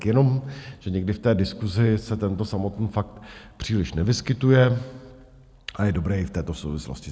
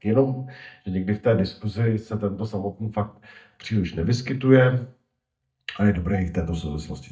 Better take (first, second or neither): first